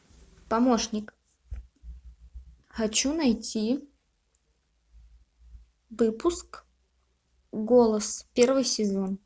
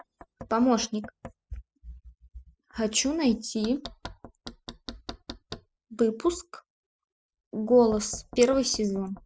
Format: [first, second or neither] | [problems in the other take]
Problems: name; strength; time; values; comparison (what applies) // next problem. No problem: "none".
first | noise reduction (classical method spectral subtraction)